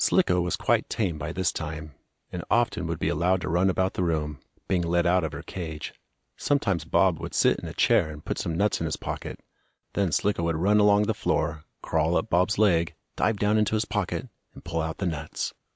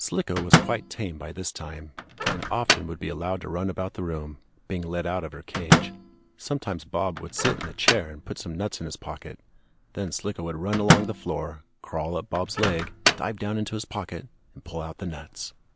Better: first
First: none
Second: background sound (Microwave oven); 1 dB above the speech

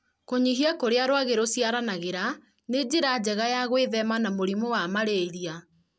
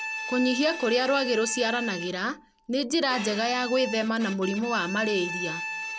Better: first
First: none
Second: background sound (Bowed string instrument); 9 dB below the speech

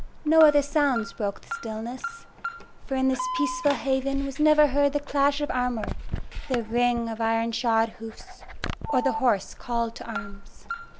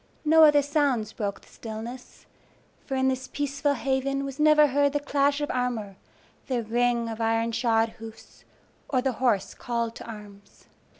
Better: second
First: background sound (Alarm); 8 dB below the speech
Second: none

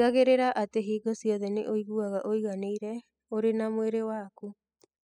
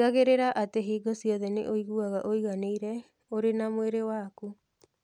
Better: second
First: noise reduction (classical method spectral subtraction)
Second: none

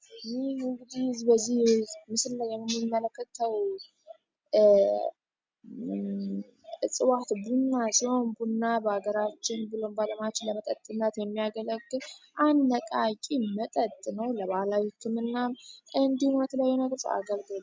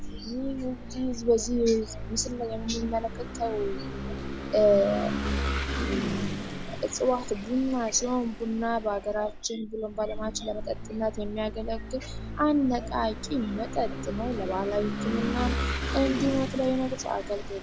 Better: first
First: none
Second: background sound (Engine / Vehicle); 5 dB below the speech

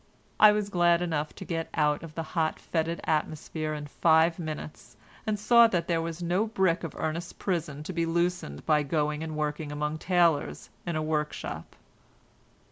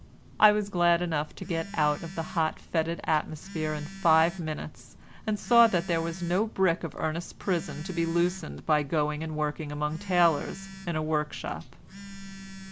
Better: first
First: none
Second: background sound (Telephone); 15 dB below the speech

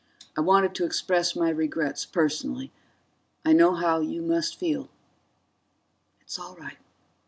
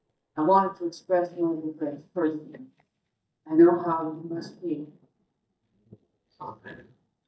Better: first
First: none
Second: noise reduction (neural mask model DeepFilterNet 3)

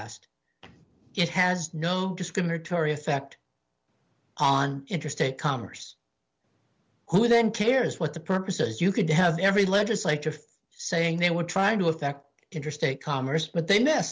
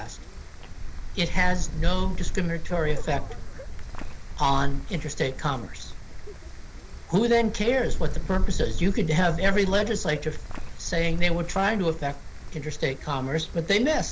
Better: first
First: none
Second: background sound (Wind); as loud as the speech

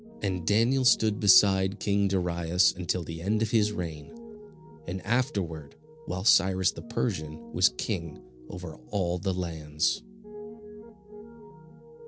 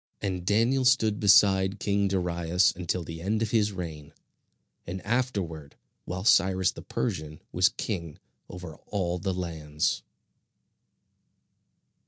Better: second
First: background sound (Piano); 16 dB below the speech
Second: none

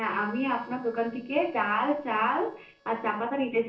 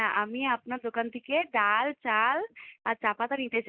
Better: second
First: noise reduction (neural separator model SepFormer DNS4)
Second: none

